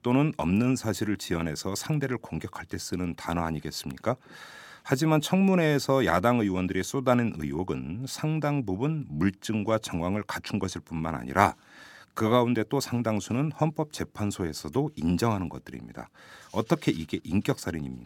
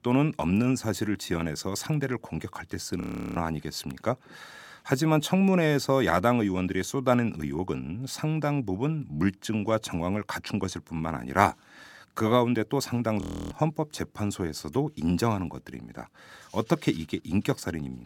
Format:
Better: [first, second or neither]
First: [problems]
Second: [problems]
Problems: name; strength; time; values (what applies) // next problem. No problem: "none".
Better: first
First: none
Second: audio freezing; at 3 s and at 13 s